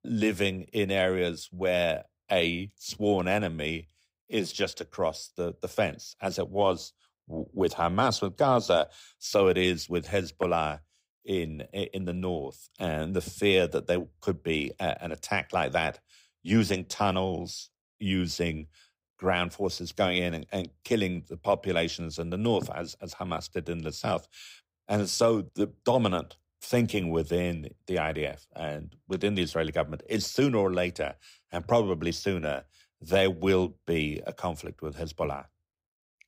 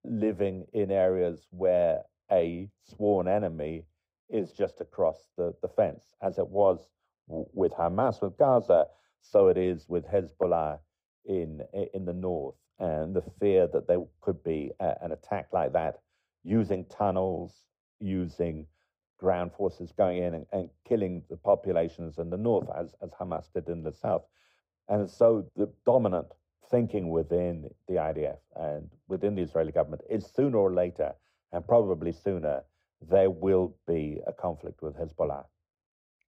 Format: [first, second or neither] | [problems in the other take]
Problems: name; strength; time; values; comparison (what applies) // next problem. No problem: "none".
first | muffled; very; fading above 2 kHz